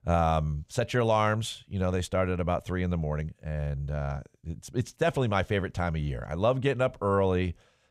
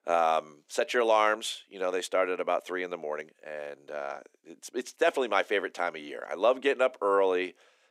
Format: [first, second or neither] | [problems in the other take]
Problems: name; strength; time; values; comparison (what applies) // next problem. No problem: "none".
first | thin; very; fading below 300 Hz